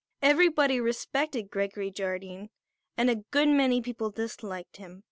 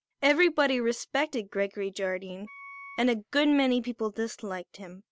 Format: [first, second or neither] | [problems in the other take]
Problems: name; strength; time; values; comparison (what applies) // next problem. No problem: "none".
first | background sound (Wind instrument, woodwind instrument); 19 dB below the speech